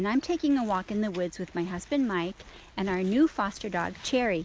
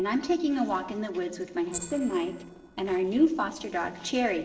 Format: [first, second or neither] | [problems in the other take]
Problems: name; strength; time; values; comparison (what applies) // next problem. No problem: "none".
first | noise reduction (neural separator model SepFormer DNS4)